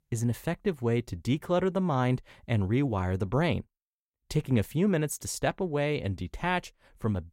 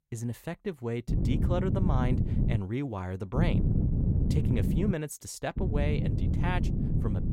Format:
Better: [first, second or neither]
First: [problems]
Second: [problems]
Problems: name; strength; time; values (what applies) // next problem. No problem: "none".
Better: first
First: none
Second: wind noise on the microphone; heavy; from 1 to 2.5 s, from 3.5 to 5 s and from 5.5 s on; 3 dB below the speech